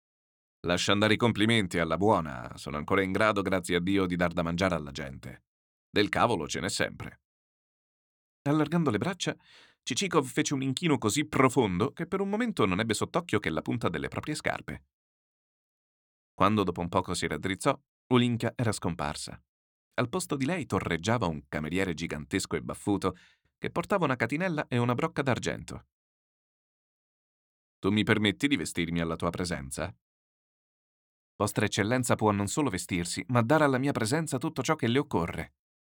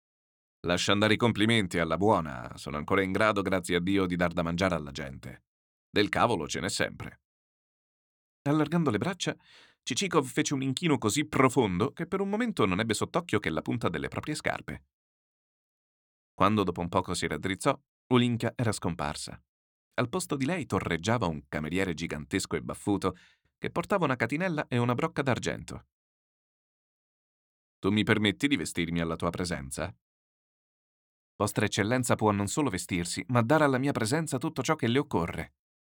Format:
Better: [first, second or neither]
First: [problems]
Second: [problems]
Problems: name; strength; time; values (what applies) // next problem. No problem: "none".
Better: neither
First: none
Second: none